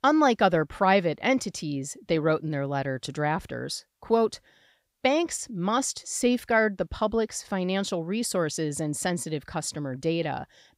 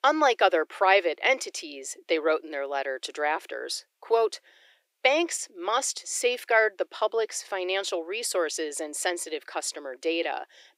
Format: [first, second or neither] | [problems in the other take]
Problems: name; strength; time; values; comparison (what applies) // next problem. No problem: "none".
first | thin; very; fading below 350 Hz